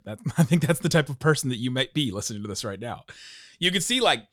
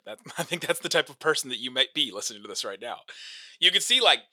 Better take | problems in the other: first | thin; very; fading below 500 Hz

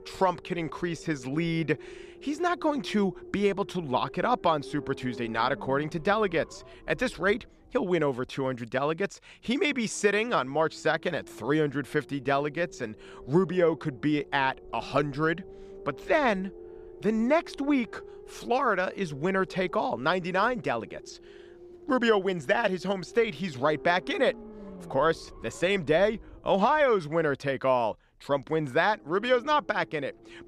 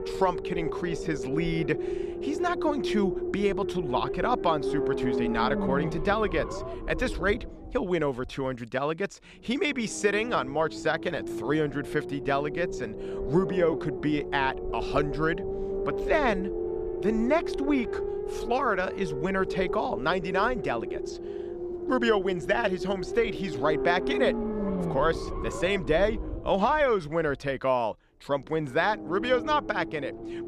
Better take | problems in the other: first | low rumble; loud; throughout; 7 dB below the speech; faint in the first

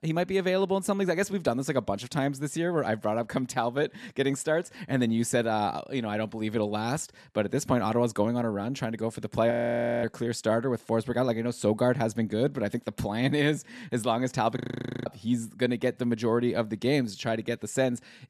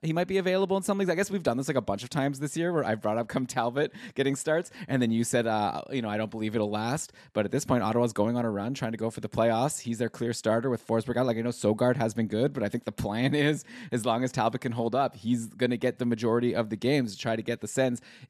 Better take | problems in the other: second | audio freezing; at 9.5 s for 0.5 s and at 15 s

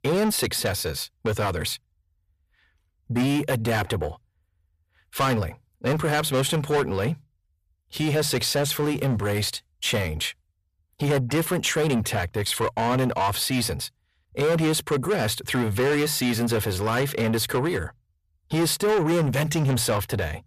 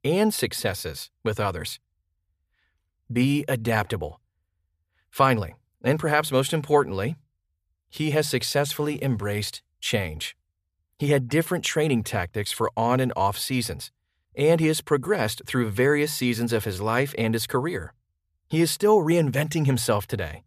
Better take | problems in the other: second | distortion; heavy; 7 dB below the speech

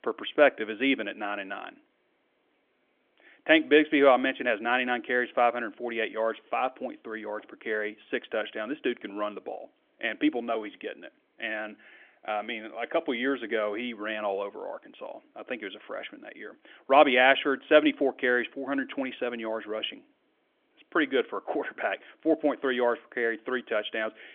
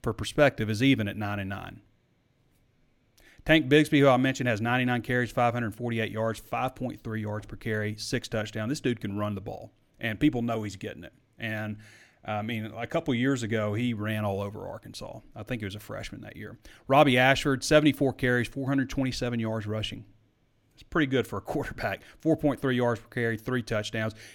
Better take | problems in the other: second | phone-call audio; nothing above 3.5 kHz

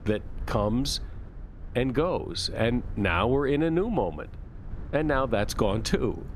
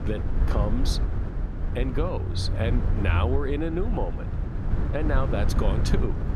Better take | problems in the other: first | low rumble; loud; throughout; 7 dB below the speech; faint in the first

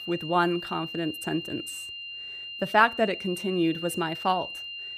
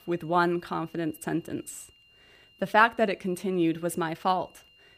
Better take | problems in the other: second | high-pitched whine; loud; throughout; 3 kHz, 9 dB below the speech; faint in the second

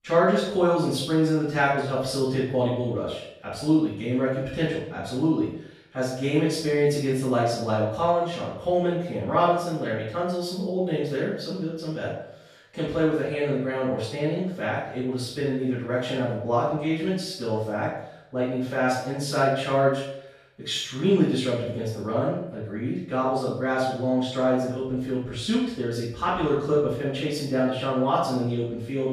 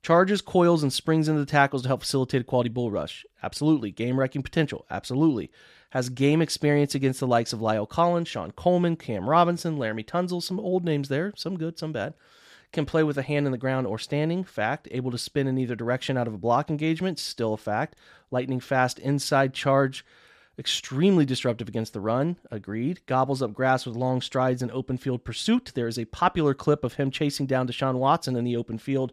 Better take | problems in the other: second | off-mic speech; far // room echo; noticeable; dies away in 0.6 s

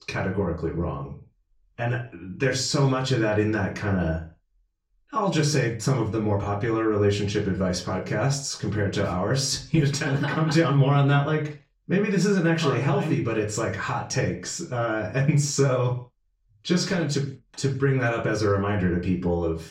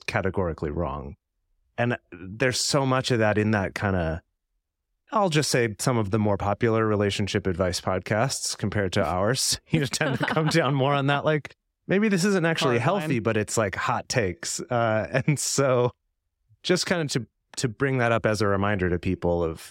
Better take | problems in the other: second | room echo; slight; dies away in 0.3 s // off-mic speech; far

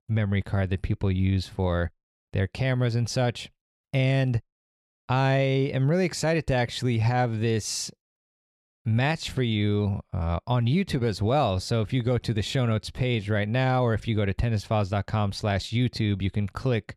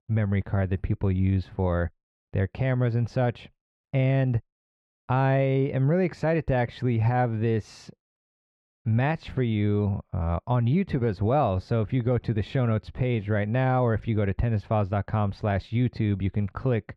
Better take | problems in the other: first | muffled; very; fading above 4 kHz

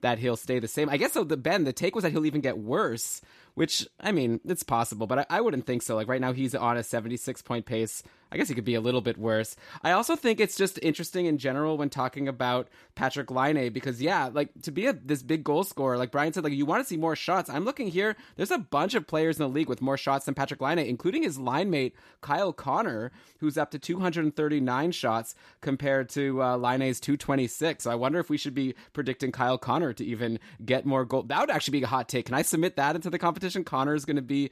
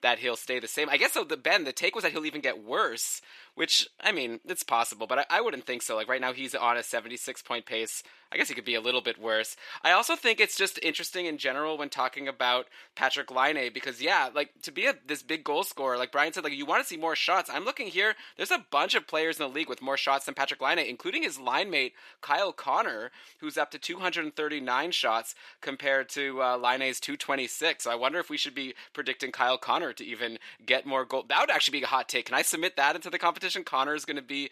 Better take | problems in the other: first | thin; somewhat; fading below 500 Hz

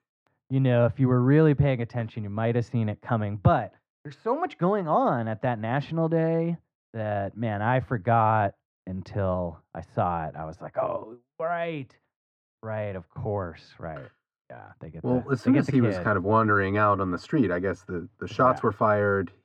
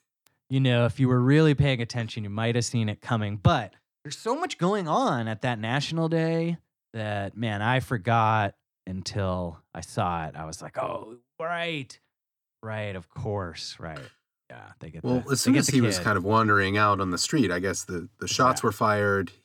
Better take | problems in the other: second | muffled; very; fading above 4 kHz

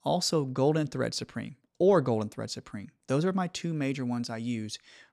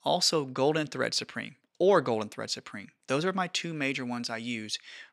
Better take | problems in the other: first | thin; very slightly; fading below 650 Hz

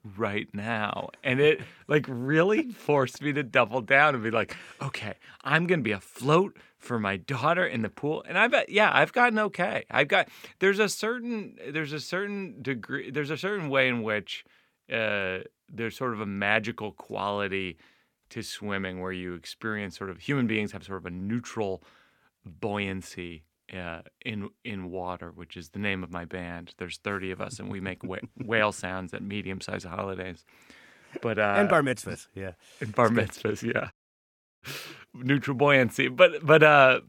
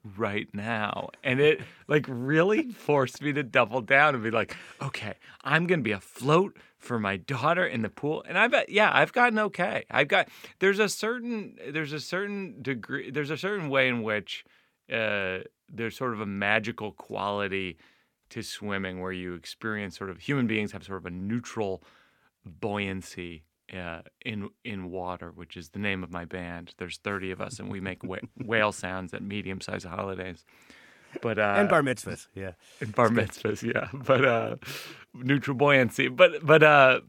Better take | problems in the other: second | audio cutting out; at 34 s for 0.5 s

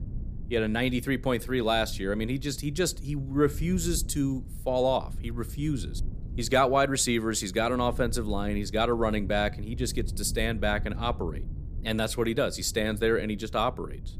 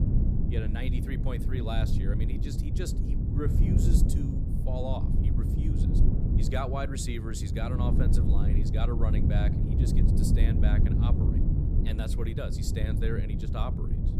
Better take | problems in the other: first | low rumble; loud; throughout; 1 dB below the speech; faint in the first

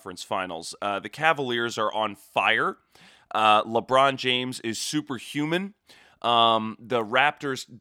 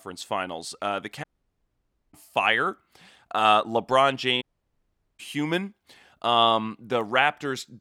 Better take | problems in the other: first | audio cutting out; at 1 s for 1 s and at 4.5 s for 1 s

